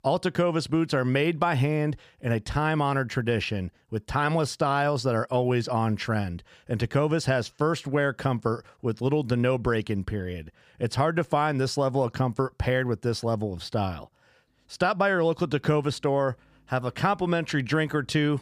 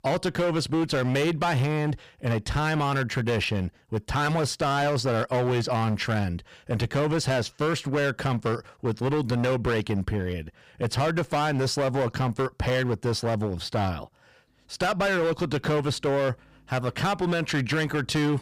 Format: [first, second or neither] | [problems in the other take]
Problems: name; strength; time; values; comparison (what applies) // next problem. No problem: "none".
first | distortion; heavy; 18% of the sound clipped